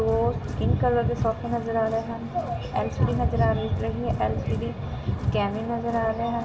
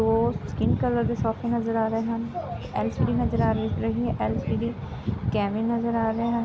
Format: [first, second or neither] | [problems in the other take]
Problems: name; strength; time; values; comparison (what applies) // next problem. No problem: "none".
second | background sound (Crowd); 17 dB below the speech // room echo; dies away in 1.6 s